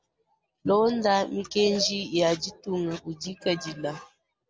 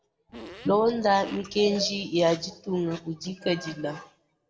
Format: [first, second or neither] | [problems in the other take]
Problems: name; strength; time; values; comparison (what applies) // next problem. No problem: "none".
first | background sound (Fart); 19 dB below the speech // room echo; dies away in 0.5 s